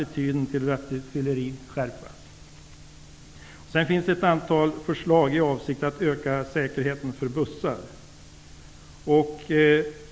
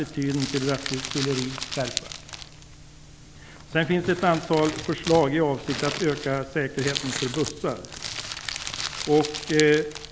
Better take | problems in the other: first | background sound (Crumpling, crinkling); 9 dB below the speech

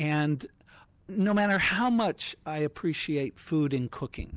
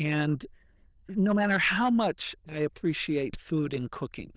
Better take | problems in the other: first | noise reduction (neural diffusion model UNIVERSE++)

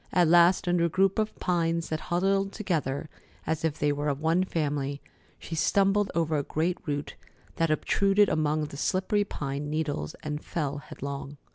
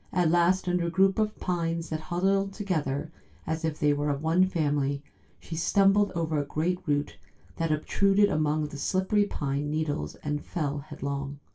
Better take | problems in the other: first | room echo; dies away in 0.2 s

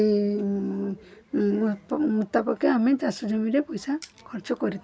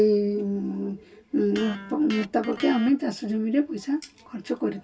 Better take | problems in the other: first | background sound (Electric guitar); 15 dB below the speech // room echo; dies away in 0.2 s

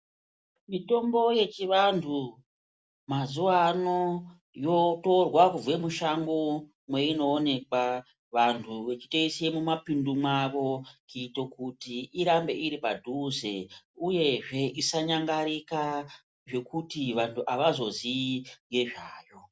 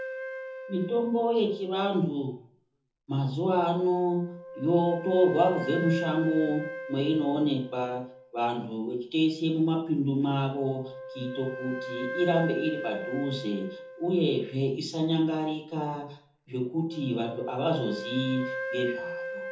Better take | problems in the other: first | background sound (Wind instrument, woodwind instrument); 11 dB below the speech // room echo; dies away in 0.5 s

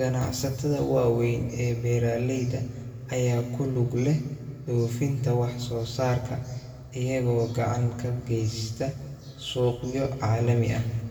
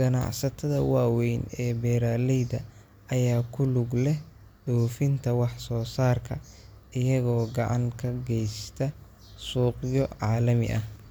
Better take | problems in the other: second | room echo; dies away in 1.6 s

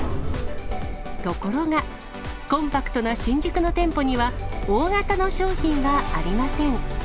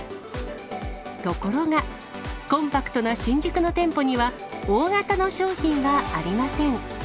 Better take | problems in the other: second | background sound (Sliding door); 2 dB below the speech

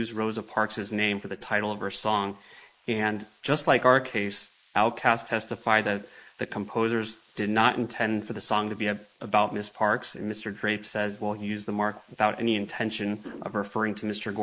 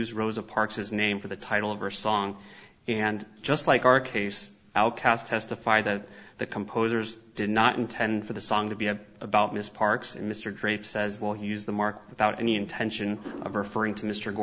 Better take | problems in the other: second | noise reduction (neural mask model Resemble Enhance denoiser)

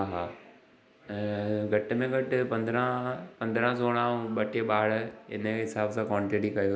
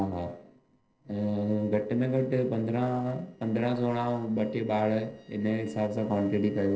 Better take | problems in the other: first | noise reduction (neural separator model SepFormer DNS4)

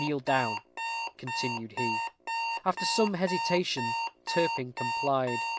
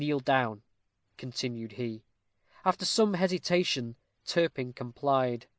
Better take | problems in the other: second | background sound (Alarm); 2 dB below the speech

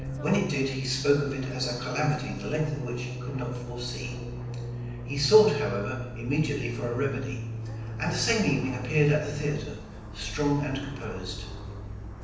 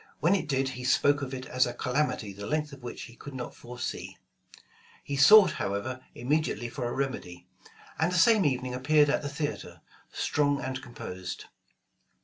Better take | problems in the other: second | background sound (Fixed-wing aircraft, airplane); 6 dB below the speech // room echo; dies away in 0.9 s

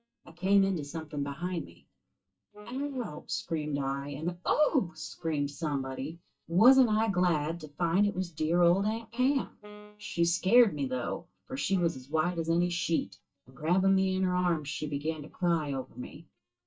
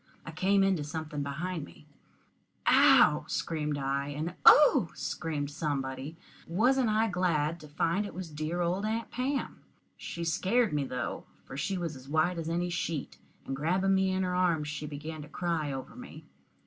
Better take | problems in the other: second | noise reduction (neural mask model DeepFilterNet 3)

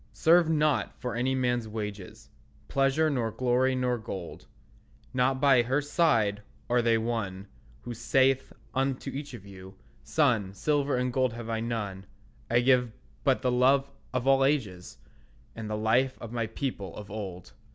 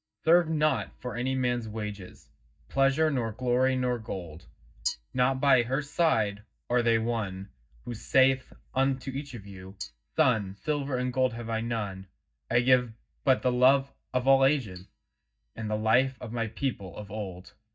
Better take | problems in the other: first | noise reduction (neural mask model DeepFilterNet 3)

